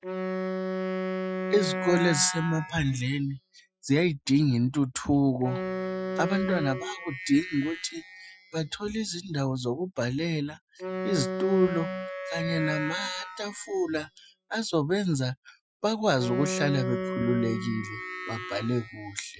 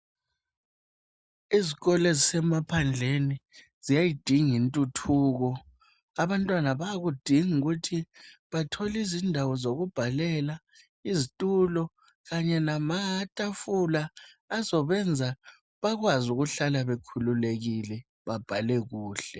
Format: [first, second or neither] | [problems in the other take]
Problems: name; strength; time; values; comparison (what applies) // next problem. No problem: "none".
second | noise reduction (classical method Wiener filter)